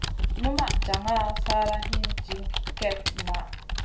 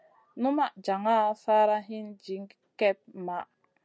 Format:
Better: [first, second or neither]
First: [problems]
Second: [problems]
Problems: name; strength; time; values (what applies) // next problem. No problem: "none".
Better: second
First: background sound (Computer keyboard); 3 dB above the speech // room echo; dies away in 0.3 s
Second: none